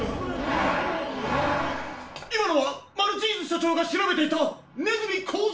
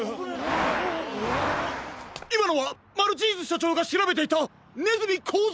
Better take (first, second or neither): second